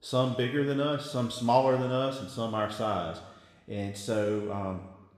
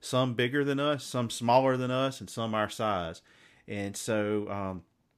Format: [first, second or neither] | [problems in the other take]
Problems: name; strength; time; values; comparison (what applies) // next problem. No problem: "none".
second | room echo; noticeable; dies away in 1.1 s